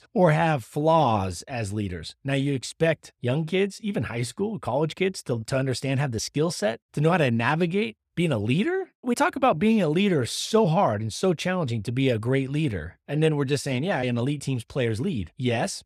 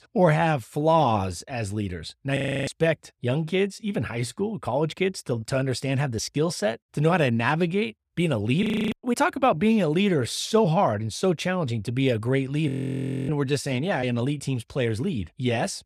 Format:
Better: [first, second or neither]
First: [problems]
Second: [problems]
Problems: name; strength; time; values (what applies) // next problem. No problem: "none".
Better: first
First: none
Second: audio freezing; at 2.5 s, at 8.5 s and at 13 s for 0.5 s